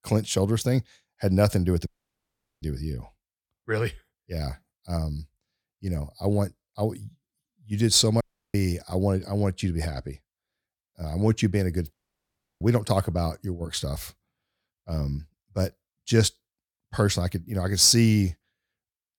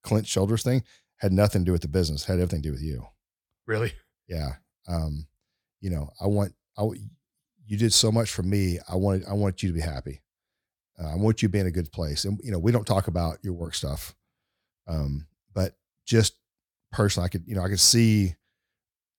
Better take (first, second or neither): second